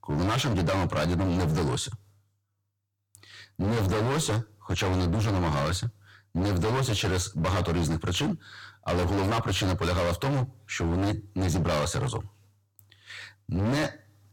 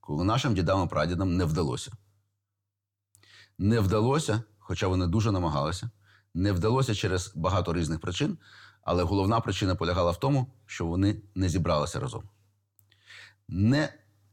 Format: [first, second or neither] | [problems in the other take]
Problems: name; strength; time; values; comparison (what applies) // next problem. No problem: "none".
second | distortion; heavy; 29% of the sound clipped